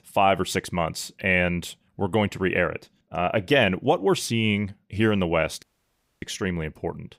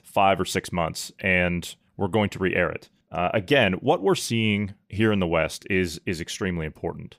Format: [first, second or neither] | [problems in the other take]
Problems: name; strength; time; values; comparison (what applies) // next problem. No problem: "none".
second | audio cutting out; at 5.5 s for 0.5 s